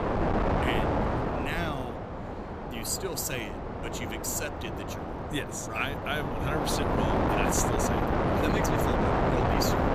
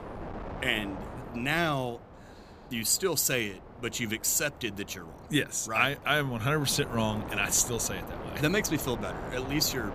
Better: second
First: wind noise on the microphone; heavy; 4 dB above the speech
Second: wind noise on the microphone; occasional gusts; 15 dB below the speech

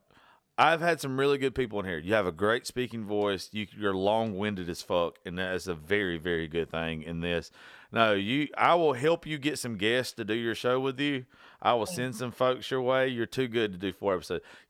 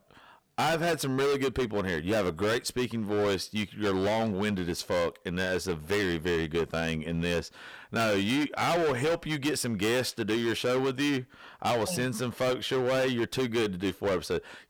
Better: first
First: none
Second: distortion; heavy; 18% of the sound clipped

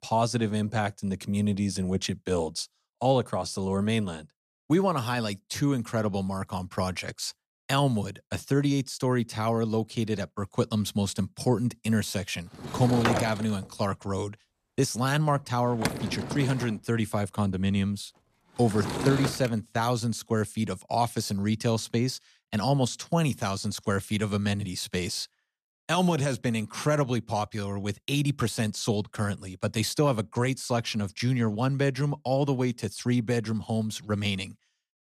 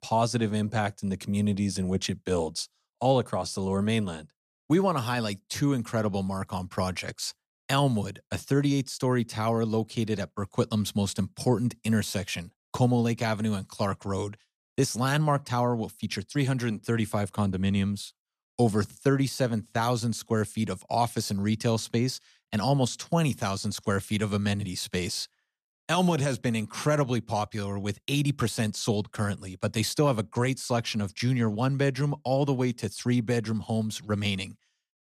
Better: second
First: door banging; loud; from 13 to 19 s; peak 1 dB above the speech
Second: none

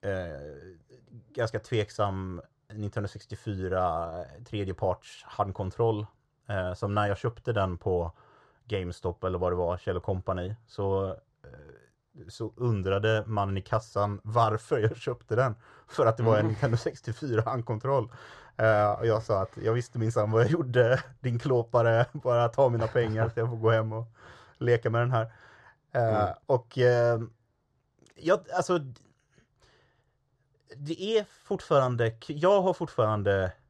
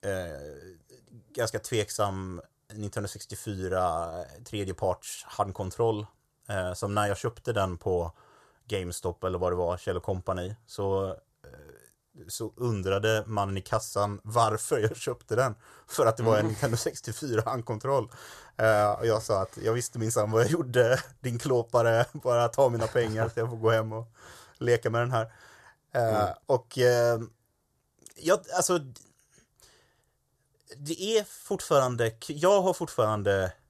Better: second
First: muffled; slightly; fading above 3.5 kHz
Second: none

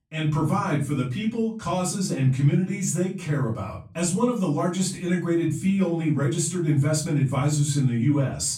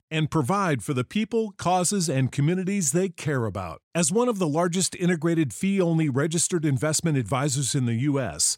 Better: second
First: off-mic speech; far // room echo; slight; dies away in 0.4 s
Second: none

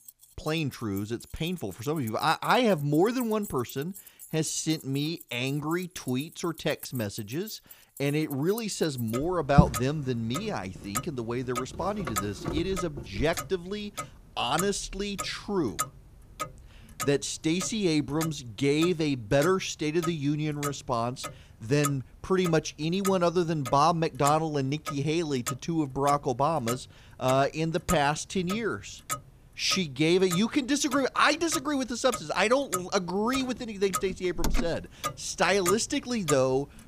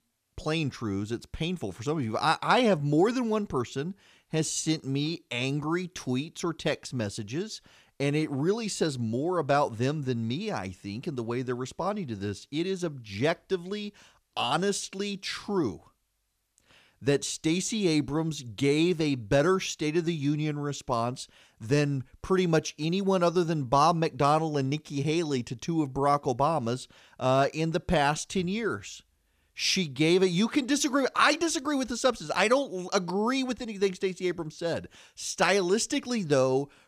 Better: second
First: household noises; loud; throughout; 8 dB below the speech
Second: none

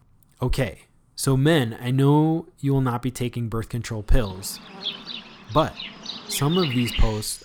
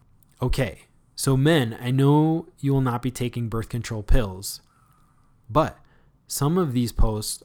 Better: second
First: animal sounds; loud; from 4.5 s on; 8 dB below the speech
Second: none

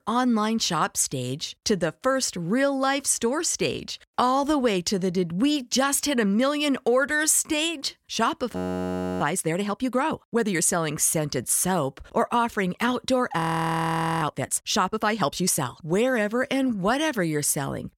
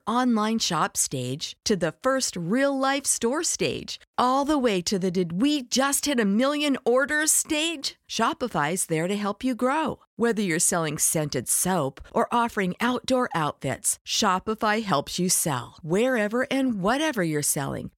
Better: second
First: audio freezing; at 8.5 s for 0.5 s and at 13 s for 1 s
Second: none

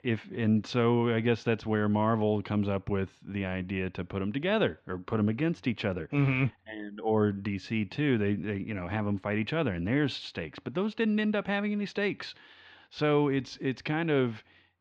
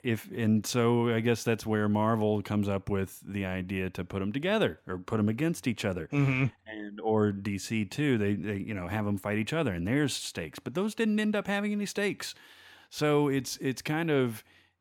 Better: second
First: muffled; very slightly; fading above 4.5 kHz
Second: none

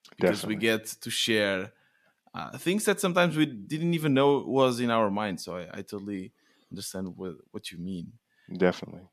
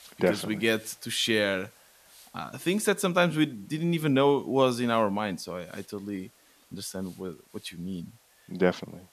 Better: first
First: none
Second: hiss; faint; throughout; 30 dB below the speech

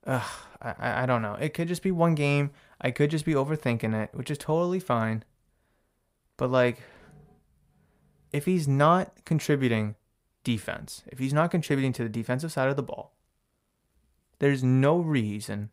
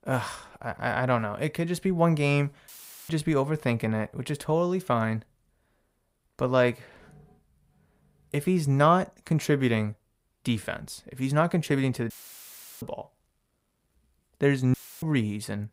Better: first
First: none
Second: audio cutting out; filled with static; at 2.5 s, at 12 s for 0.5 s and at 15 s

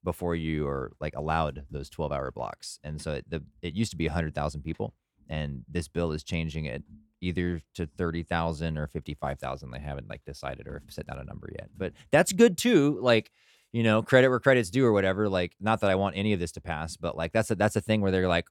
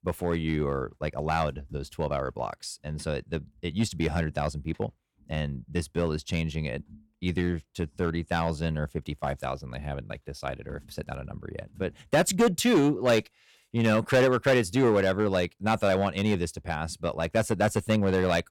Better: first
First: none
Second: distortion; slight; 3% of the sound clipped

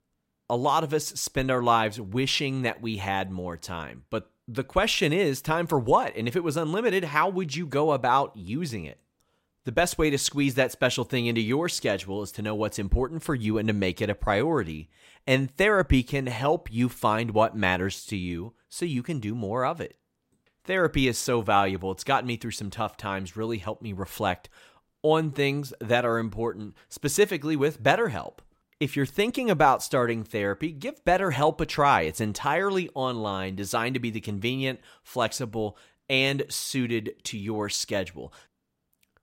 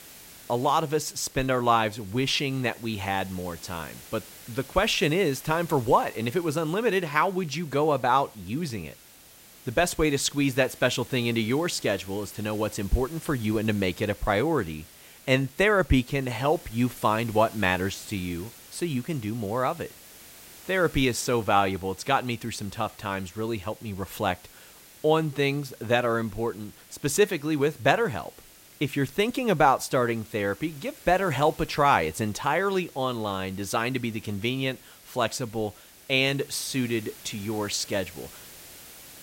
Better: first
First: none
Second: hiss; faint; throughout; 20 dB below the speech

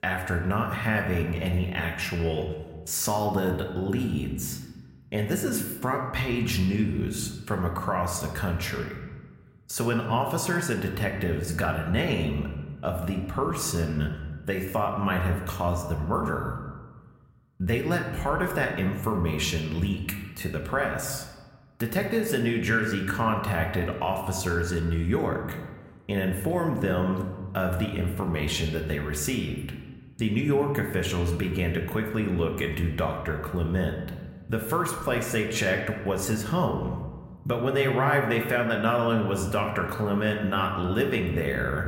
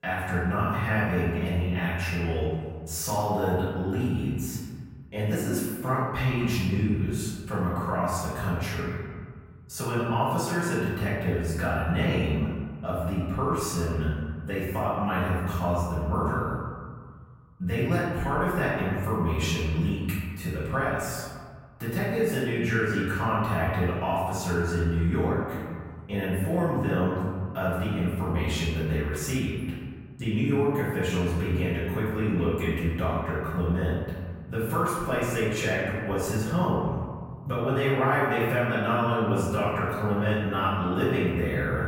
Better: first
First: room echo; slight; dies away in 1.1 s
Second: room echo; strong; dies away in 1.7 s // off-mic speech; far

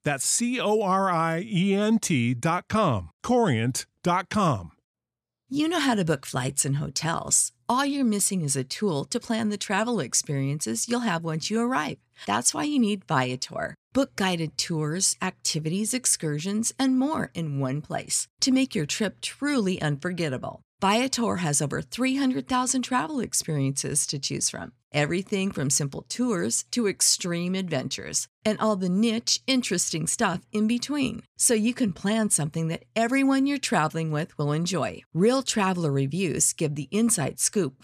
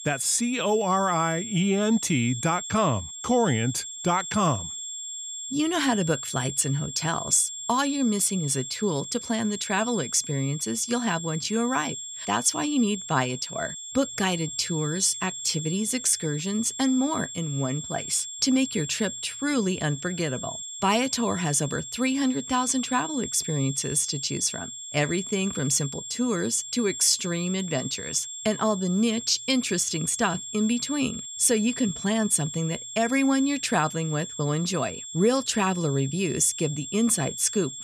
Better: first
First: none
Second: high-pitched whine; loud; throughout; 7.5 kHz, 8 dB below the speech

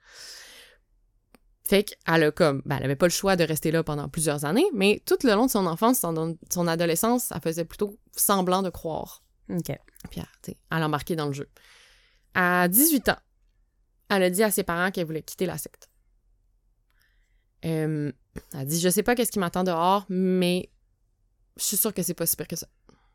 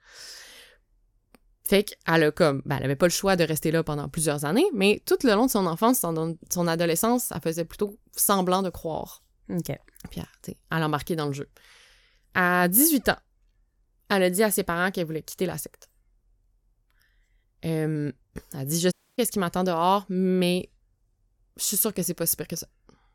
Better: first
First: none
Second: audio cutting out; at 19 s

